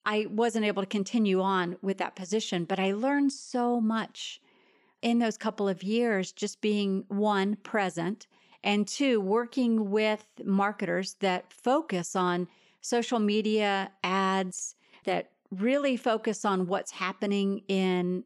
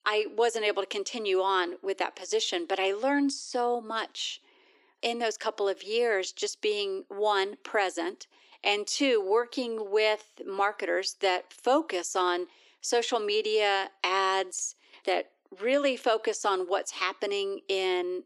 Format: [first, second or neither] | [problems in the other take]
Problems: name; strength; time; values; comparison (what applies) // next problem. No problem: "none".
first | thin; somewhat; fading below 300 Hz